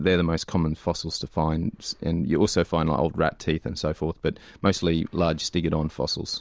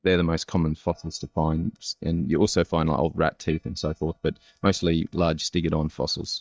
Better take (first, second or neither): first